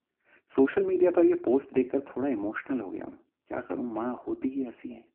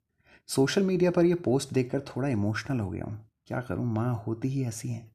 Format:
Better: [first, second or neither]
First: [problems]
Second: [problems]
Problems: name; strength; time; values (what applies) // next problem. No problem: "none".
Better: second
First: phone-call audio; poor line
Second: none